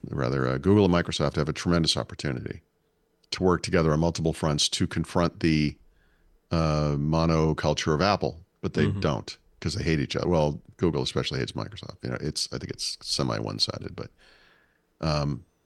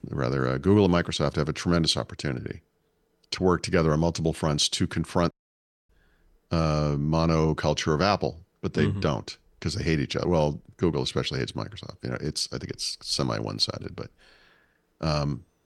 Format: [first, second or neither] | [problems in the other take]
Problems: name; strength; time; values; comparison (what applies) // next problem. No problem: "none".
first | audio cutting out; at 5.5 s for 0.5 s